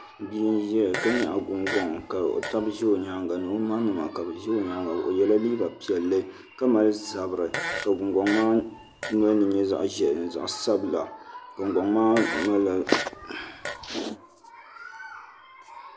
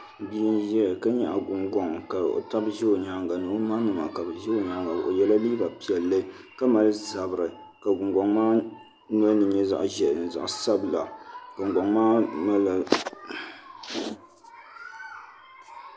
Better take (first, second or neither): second